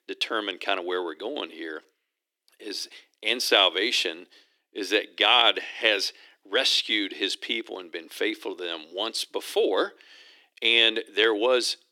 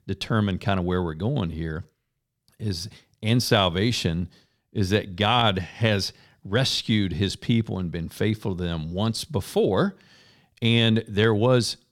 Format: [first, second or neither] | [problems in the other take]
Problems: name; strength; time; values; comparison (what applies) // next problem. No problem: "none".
second | thin; very; fading below 300 Hz